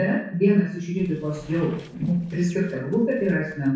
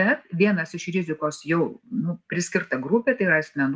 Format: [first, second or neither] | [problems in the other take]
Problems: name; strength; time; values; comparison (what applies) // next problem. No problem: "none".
second | noise reduction (neural separator model SepFormer DNS4)